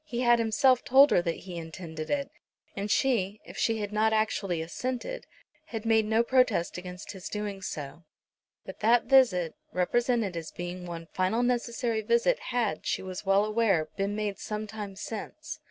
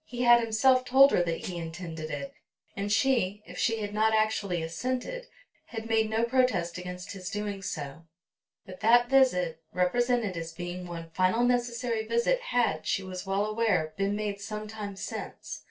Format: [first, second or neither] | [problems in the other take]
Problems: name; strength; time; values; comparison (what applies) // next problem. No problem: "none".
first | noise reduction (neural separator model SepFormer DNS4)